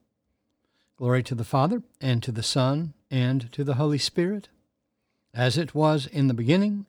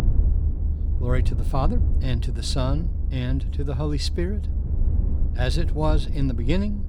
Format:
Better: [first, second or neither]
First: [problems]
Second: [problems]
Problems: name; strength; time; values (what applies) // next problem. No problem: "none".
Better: first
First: none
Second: low rumble; noticeable; throughout; 10 dB below the speech